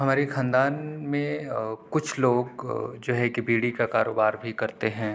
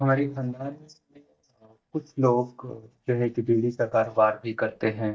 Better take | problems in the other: first | noise reduction (neural mask model DeepFilterNet 3)

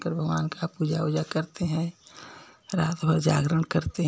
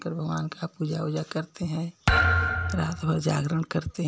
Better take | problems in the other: first | background sound (Thump, thud); 2 dB above the speech

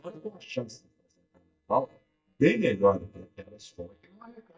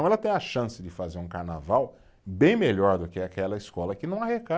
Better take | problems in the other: second | noise reduction (neural mask model DeepFilterNet 3)

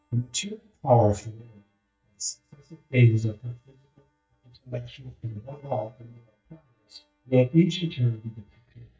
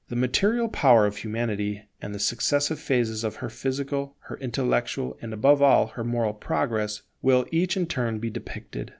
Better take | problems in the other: second | noise reduction (neural mask model DeepFilterNet 3)

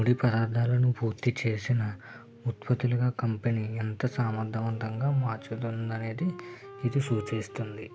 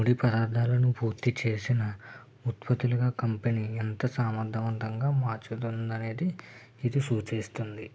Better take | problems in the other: second | background sound (Wind instrument, woodwind instrument); 20 dB below the speech

